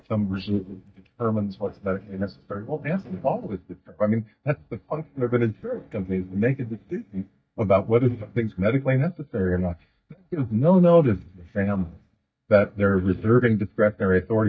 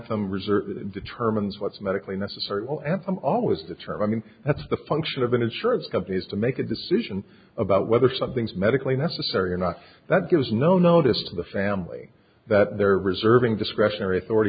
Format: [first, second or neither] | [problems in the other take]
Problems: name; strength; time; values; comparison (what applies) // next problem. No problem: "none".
second | noise reduction (neural mask model DeepFilterNet 3)